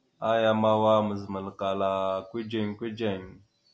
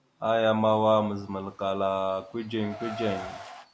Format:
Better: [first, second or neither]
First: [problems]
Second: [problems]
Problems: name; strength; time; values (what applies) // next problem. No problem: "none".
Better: first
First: none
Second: background sound (Car); 15 dB below the speech